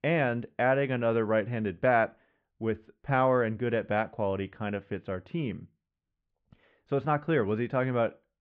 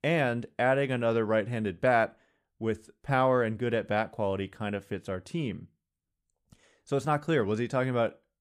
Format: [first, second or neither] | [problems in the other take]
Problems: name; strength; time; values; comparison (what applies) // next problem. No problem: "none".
second | muffled; very; fading above 3 kHz